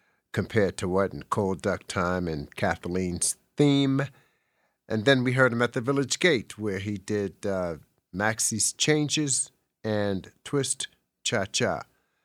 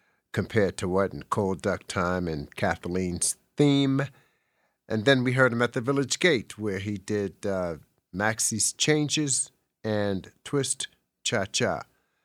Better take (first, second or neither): neither